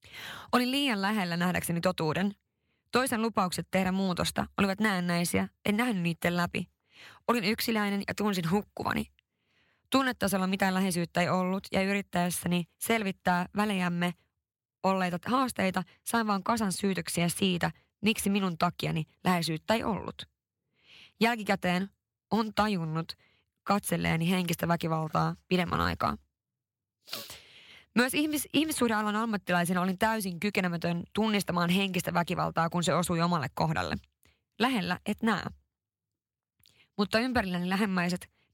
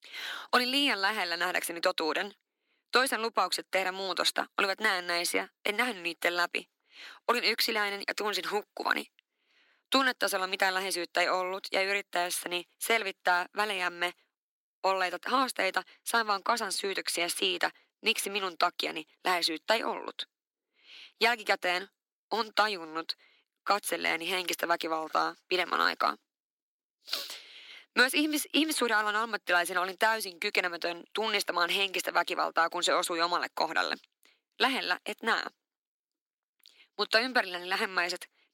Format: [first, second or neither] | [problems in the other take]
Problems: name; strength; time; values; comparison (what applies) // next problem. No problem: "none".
first | thin; somewhat; fading below 300 Hz